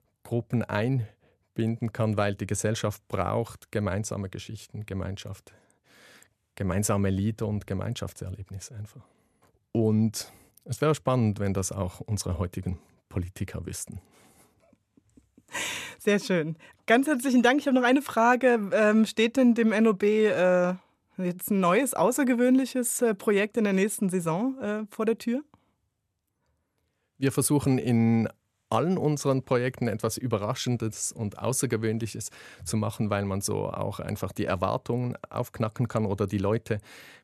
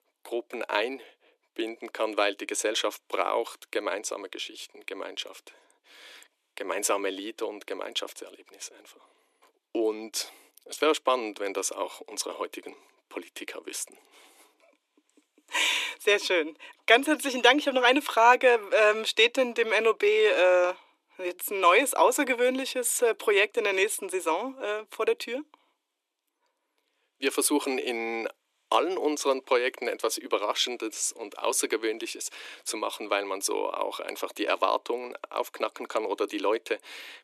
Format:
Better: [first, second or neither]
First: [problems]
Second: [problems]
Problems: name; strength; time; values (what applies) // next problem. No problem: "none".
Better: first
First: none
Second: thin; very; fading below 300 Hz